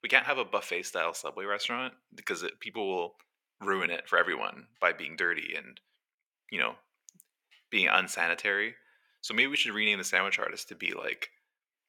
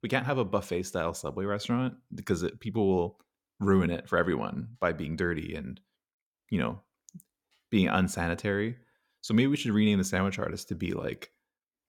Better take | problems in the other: second | thin; very; fading below 550 Hz

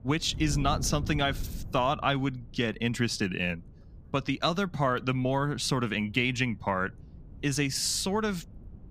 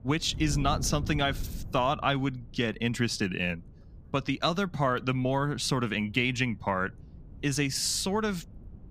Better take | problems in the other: neither | wind noise on the microphone; occasional gusts; 25 dB below the speech; the same in both

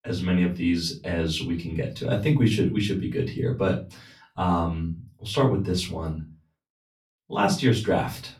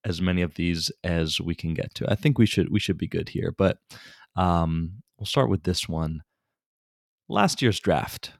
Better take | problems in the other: second | off-mic speech; far // room echo; very slight; dies away in 0.2 s

